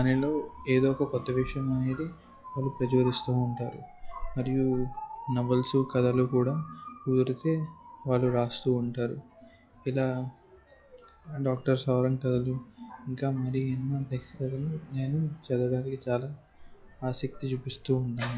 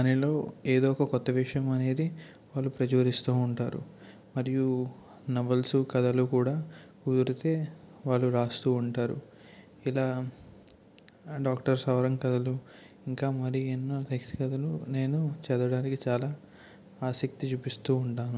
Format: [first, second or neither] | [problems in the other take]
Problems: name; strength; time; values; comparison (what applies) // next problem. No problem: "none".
second | noise reduction (classical method log-MMSE)